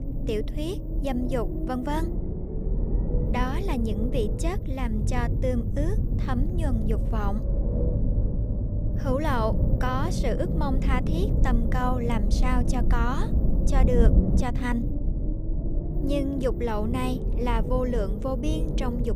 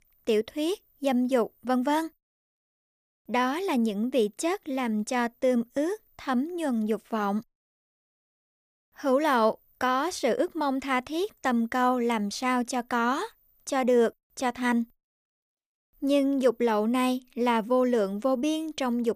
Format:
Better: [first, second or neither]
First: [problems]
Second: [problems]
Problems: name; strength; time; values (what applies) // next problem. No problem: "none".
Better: second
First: low rumble; loud; throughout; 6 dB below the speech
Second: none